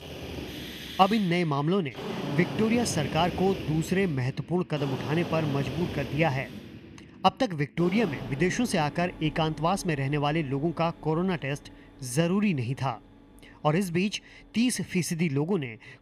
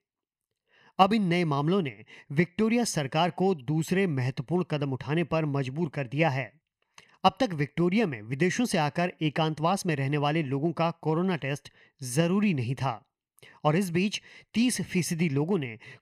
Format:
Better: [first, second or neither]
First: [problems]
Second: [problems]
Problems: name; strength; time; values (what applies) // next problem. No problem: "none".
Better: second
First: machinery noise; noticeable; throughout; 10 dB below the speech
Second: none